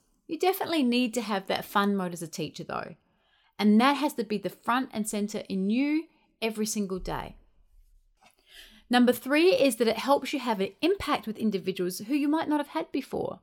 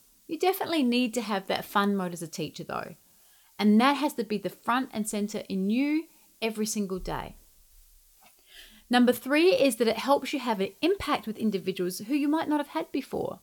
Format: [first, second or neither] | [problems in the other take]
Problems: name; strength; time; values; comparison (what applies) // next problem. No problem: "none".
first | hiss; faint; throughout; 30 dB below the speech